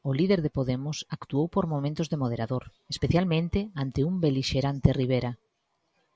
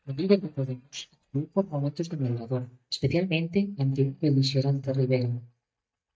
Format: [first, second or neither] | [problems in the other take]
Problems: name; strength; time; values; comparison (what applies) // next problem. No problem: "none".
first | noise reduction (neural mask model DeepFilterNet 3)